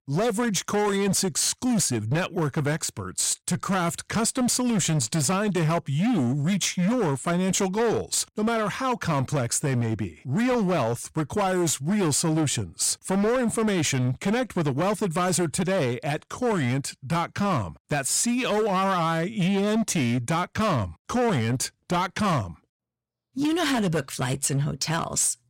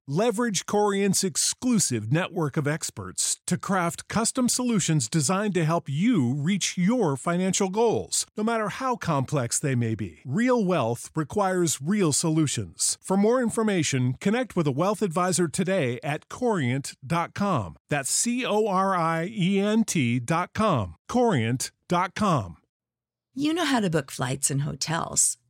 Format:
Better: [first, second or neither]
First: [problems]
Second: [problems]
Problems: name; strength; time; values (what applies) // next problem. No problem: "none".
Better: second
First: distortion; slight; 19% of the sound clipped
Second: none